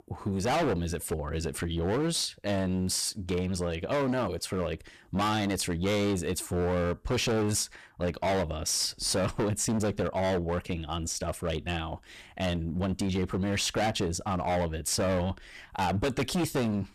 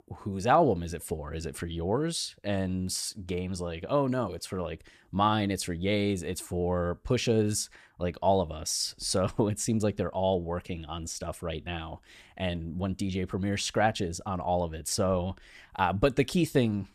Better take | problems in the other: second | distortion; heavy; 18% of the sound clipped

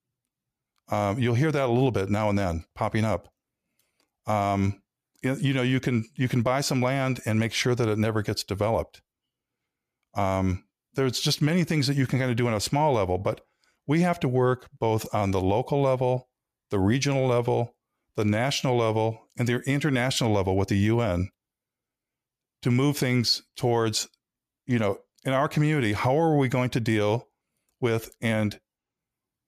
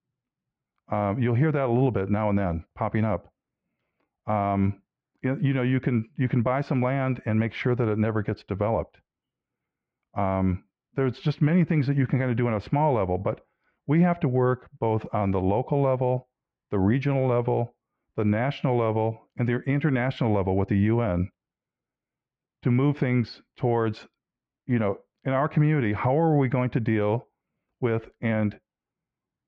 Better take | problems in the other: first | muffled; very; fading above 2 kHz

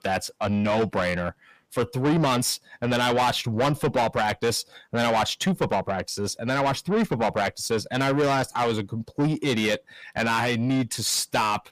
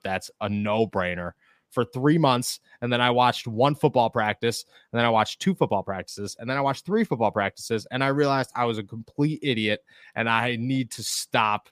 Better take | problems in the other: second | distortion; heavy; 6 dB below the speech

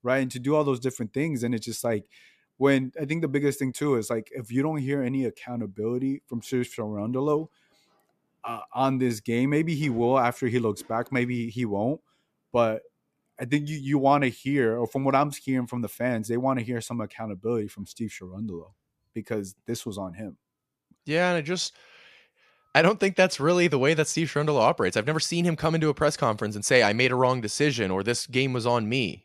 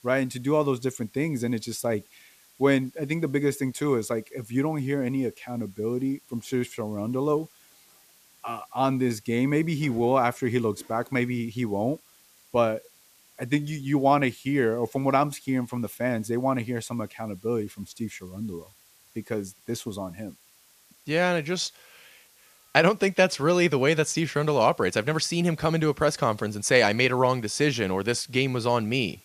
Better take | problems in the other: first | hiss; faint; throughout; 30 dB below the speech

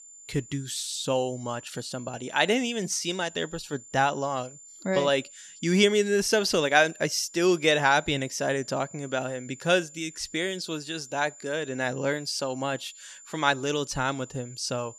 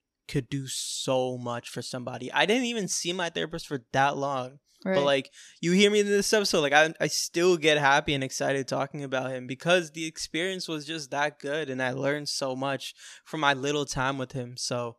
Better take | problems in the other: second | high-pitched whine; noticeable; throughout; 7 kHz, 20 dB below the speech

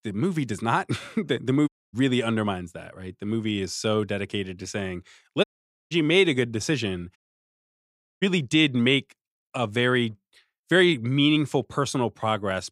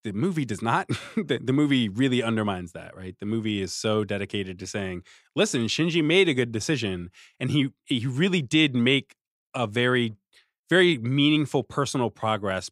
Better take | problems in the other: second | audio cutting out; at 1.5 s, at 5.5 s and at 7 s for 1 s

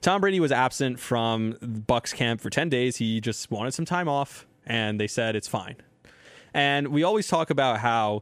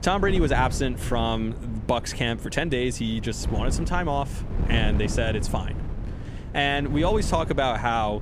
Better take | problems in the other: first | wind noise on the microphone; occasional gusts; 15 dB below the speech

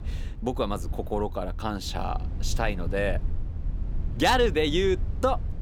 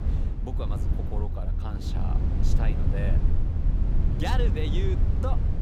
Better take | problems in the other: first | low rumble; loud; throughout; 3 dB below the speech; faint in the first

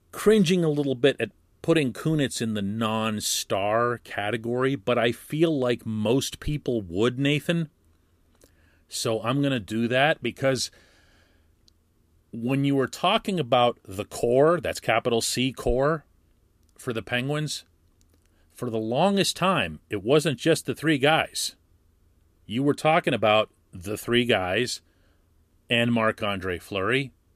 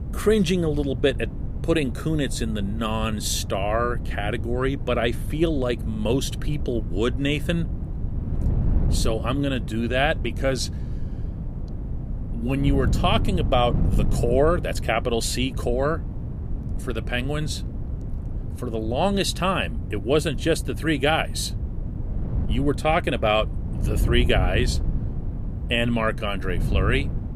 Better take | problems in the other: first | wind noise on the microphone; occasional gusts; 15 dB below the speech

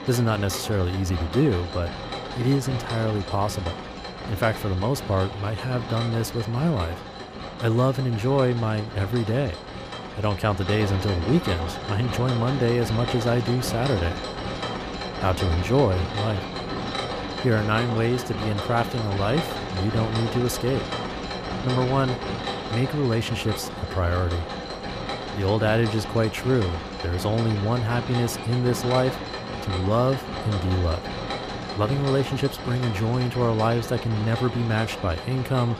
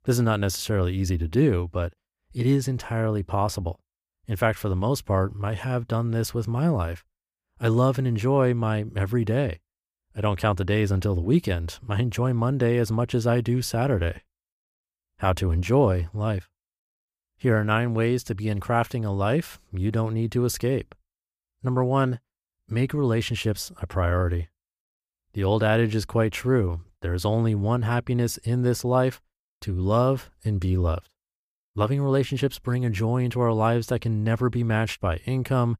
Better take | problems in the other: second | machinery noise; loud; throughout; 7 dB below the speech

